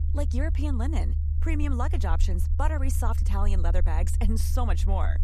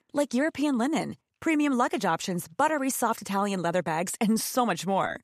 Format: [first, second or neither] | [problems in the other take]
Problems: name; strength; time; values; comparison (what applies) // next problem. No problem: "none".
second | low rumble; noticeable; throughout; 10 dB below the speech